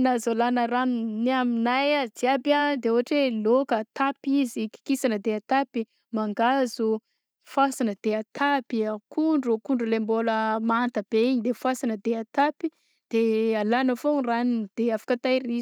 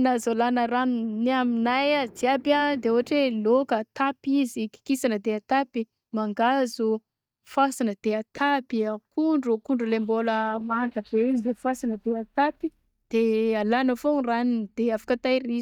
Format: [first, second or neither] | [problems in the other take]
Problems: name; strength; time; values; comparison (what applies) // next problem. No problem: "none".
first | noise reduction (neural mask model DeepFilterNet 3)